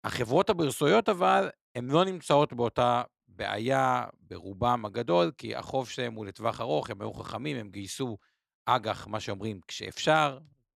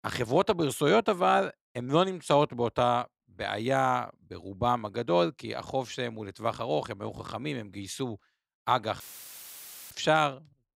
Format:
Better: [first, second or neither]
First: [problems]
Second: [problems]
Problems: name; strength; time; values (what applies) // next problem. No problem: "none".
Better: first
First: none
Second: audio cutting out; filled with static; at 9 s for 1 s